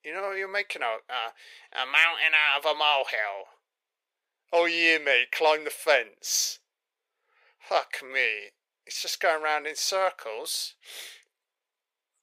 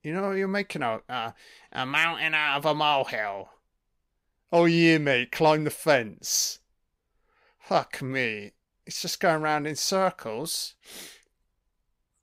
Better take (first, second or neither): second